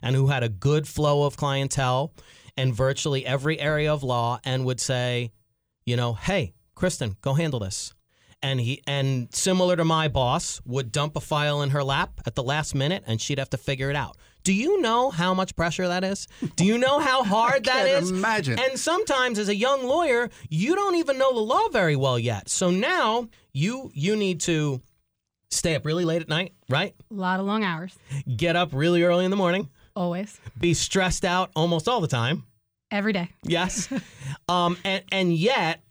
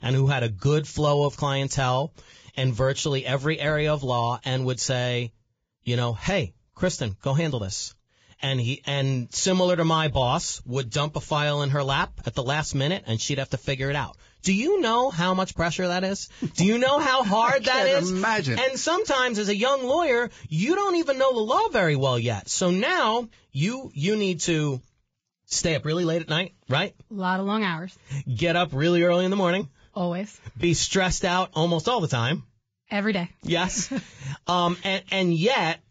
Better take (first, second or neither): first